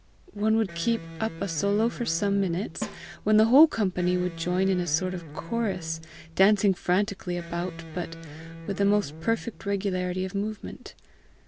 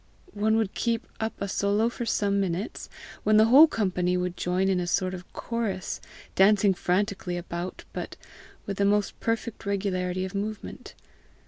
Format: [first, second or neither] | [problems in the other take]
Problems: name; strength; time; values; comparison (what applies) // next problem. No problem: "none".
second | background sound (Snare drum + Electric guitar); 14 dB below the speech